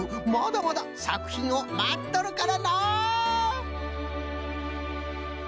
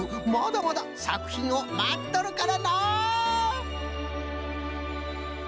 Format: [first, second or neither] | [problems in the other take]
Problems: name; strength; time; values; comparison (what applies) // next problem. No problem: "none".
first | background sound (Truck); 19 dB below the speech